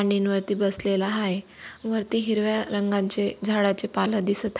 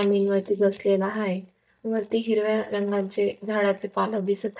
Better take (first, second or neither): first